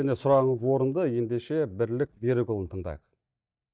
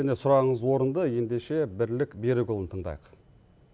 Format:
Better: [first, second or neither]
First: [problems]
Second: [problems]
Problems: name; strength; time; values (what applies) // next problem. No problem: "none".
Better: second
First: noise reduction (neural mask model DeepFilterNet 3)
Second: none